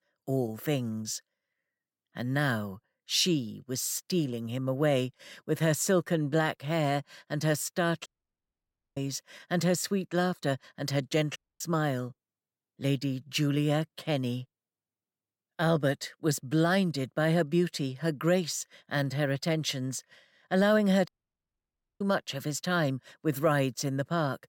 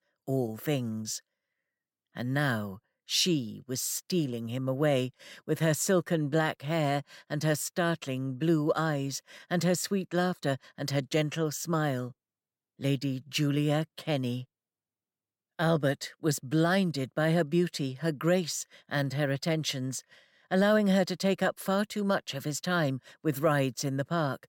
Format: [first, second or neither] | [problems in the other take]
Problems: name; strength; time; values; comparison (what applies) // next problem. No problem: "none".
second | audio cutting out; at 8 s for 1 s, at 11 s and at 21 s for 1 s